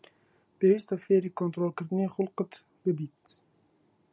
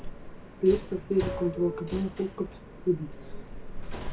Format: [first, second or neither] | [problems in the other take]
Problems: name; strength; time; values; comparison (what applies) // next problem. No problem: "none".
first | background sound (Subway, metro, underground); 6 dB below the speech // room echo; dies away in 0.2 s